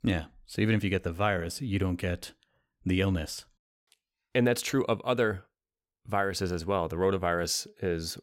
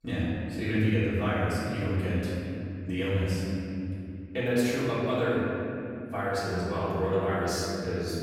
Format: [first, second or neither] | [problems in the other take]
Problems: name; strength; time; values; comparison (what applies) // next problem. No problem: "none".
first | off-mic speech; far // room echo; strong; dies away in 3 s